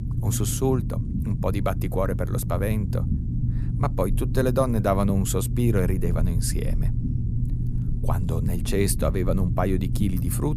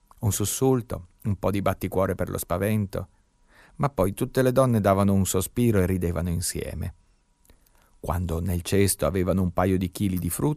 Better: second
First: low rumble; noticeable; throughout; 10 dB below the speech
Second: none

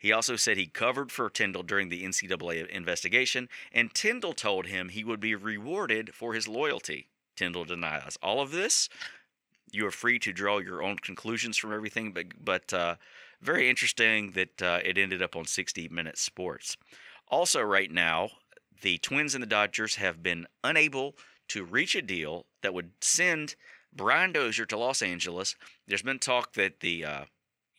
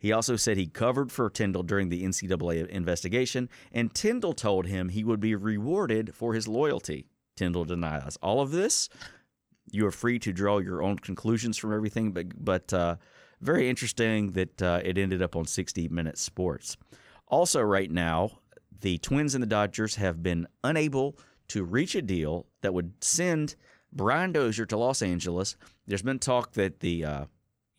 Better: second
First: thin; somewhat; fading below 1 kHz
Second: none

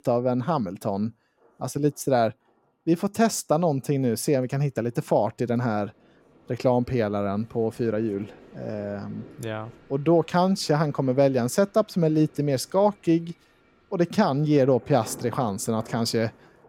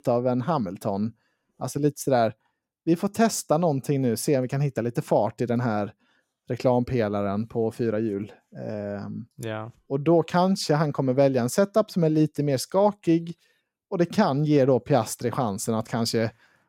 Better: second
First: rain or running water; faint; throughout; 25 dB below the speech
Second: none

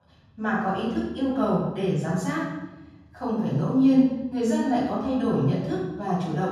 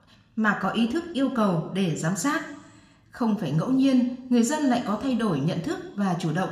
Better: second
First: room echo; strong; dies away in 1.2 s // off-mic speech; far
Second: room echo; slight; dies away in 0.8 s

